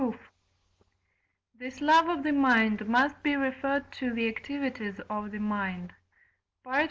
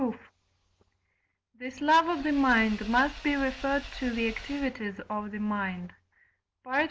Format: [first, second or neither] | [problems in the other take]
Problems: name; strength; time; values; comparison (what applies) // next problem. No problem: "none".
first | background sound (Engine / Vehicle); 15 dB below the speech